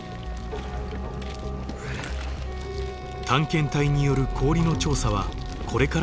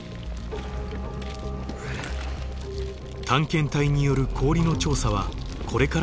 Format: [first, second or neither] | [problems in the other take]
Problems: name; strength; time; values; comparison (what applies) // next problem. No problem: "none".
second | background sound (Wind instrument, woodwind instrument); 17 dB below the speech